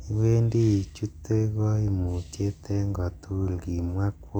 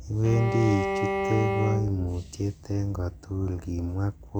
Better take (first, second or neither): first